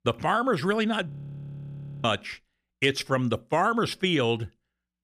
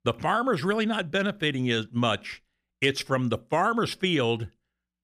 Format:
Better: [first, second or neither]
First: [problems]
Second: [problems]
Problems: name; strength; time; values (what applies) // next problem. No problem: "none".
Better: second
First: audio freezing; at 1 s for 1 s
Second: none